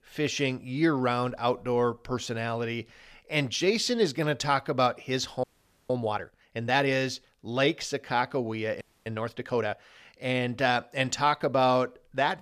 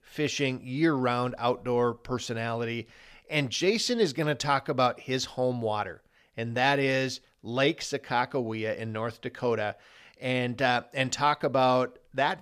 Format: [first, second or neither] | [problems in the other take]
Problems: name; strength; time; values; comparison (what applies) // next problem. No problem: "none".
second | audio freezing; at 5.5 s and at 9 s